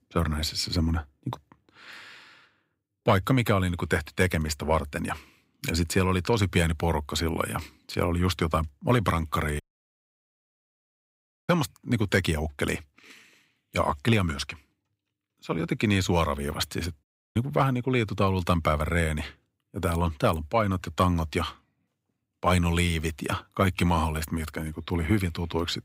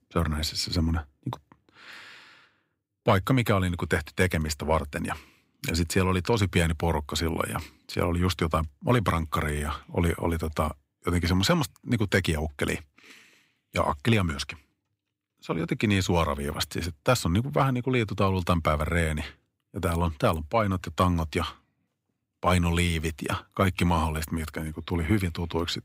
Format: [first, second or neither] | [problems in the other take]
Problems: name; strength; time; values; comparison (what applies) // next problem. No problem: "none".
second | audio cutting out; at 9.5 s for 2 s and at 17 s